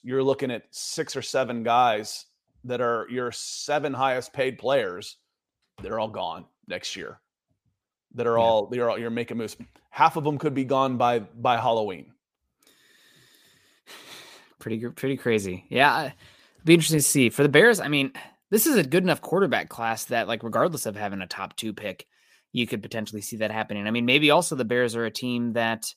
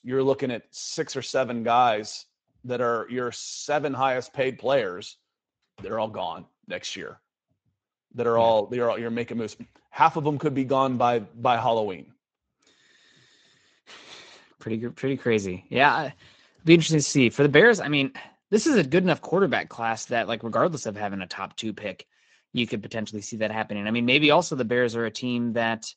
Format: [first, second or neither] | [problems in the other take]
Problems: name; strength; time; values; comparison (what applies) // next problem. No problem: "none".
first | garbled, watery; slightly; nothing above 7.5 kHz